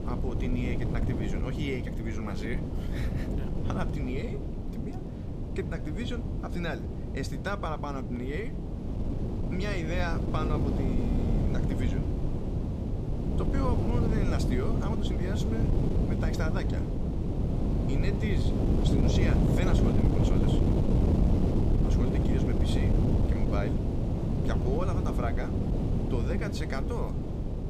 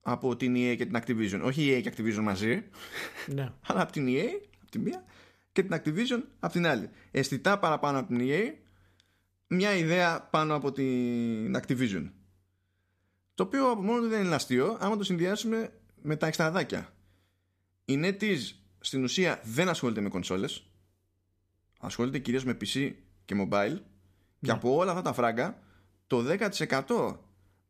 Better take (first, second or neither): second